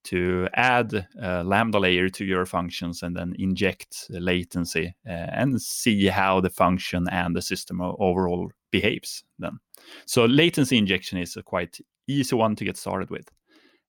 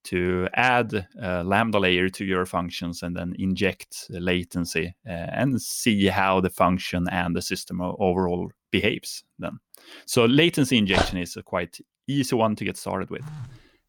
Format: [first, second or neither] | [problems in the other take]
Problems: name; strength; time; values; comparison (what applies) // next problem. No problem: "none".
first | dog barking; noticeable; at 11 s; peak 1 dB below the speech // phone ringing; faint; at 13 s; peak 15 dB below the speech